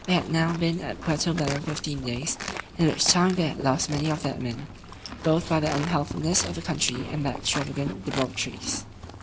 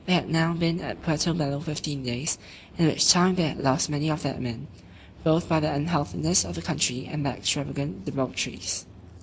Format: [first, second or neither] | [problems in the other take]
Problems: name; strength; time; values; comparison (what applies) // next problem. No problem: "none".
second | background sound (Livestock, farm animals, working animals); 11 dB below the speech